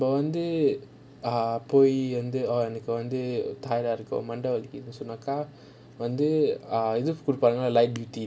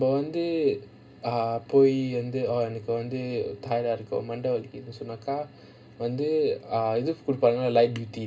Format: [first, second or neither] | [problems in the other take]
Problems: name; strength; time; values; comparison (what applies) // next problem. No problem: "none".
first | room echo; dies away in 0.2 s